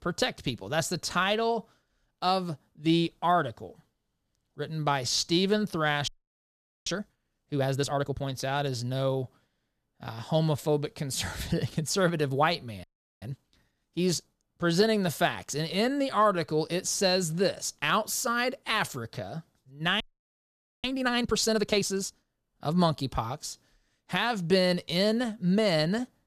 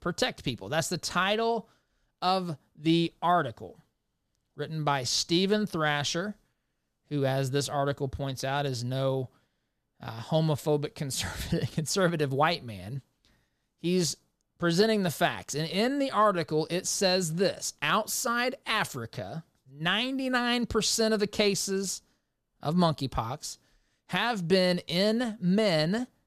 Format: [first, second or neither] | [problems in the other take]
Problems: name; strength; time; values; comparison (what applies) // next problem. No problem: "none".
second | audio freezing; at 6 s for 1 s, at 13 s and at 20 s for 1 s